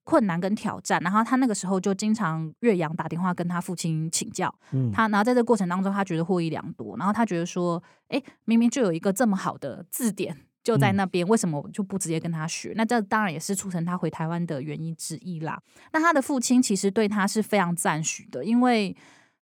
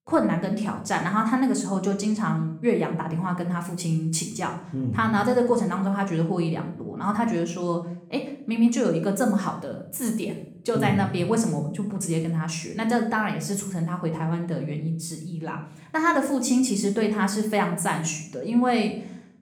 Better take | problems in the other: first | room echo; slight; dies away in 0.6 s // off-mic speech; somewhat distant

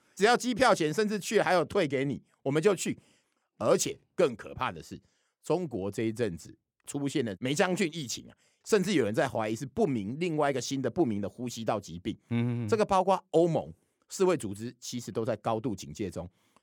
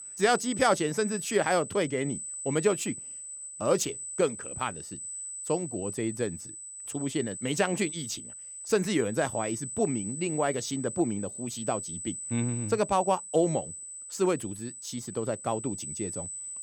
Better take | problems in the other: first | high-pitched whine; loud; throughout; 8 kHz, 7 dB below the speech

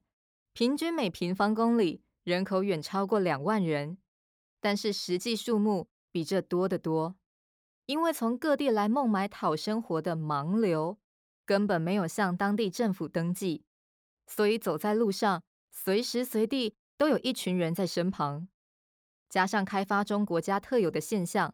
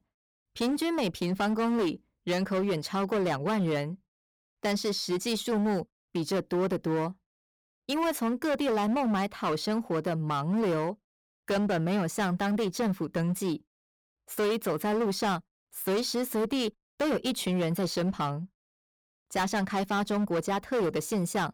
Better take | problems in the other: first | distortion; slight; 16% of the sound clipped

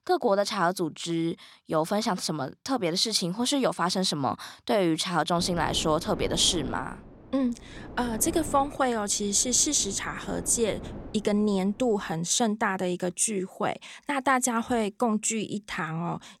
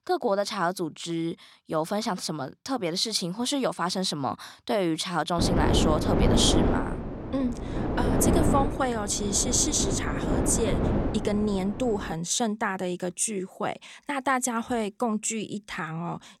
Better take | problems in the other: first | wind noise on the microphone; heavy; from 5.5 to 12 s; 3 dB below the speech; occasional gusts in the first

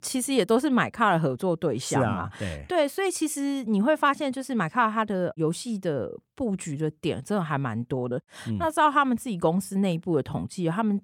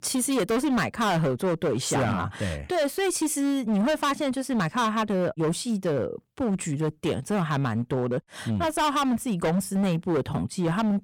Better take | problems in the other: first | distortion; heavy; 19% of the sound clipped

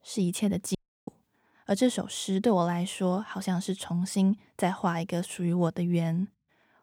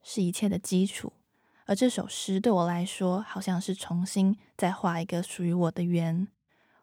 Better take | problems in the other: second | audio cutting out; at 1 s

